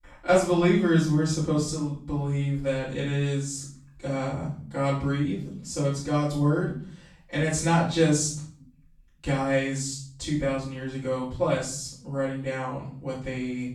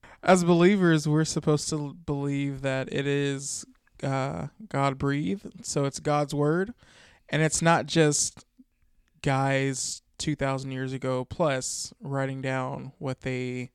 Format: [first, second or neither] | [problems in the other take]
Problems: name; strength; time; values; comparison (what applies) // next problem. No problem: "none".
second | off-mic speech; far // room echo; noticeable; dies away in 0.5 s